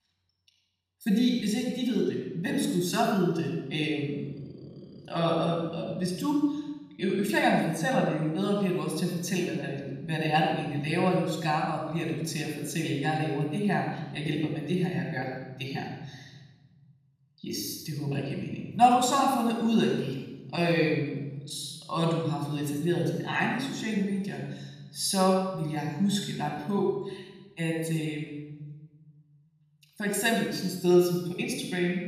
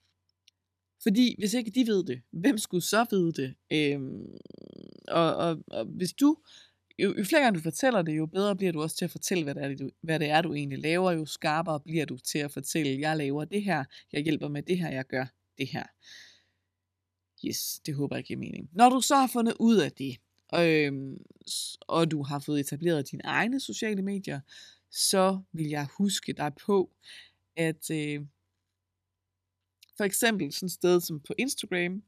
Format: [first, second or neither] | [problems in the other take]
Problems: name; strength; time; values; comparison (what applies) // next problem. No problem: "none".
second | off-mic speech; far // room echo; noticeable; dies away in 1.1 s